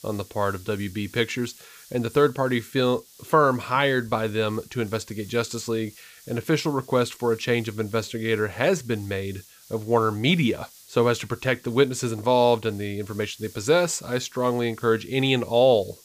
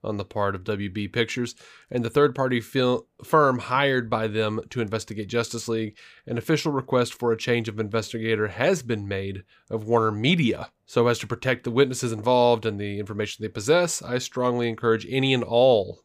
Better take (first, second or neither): second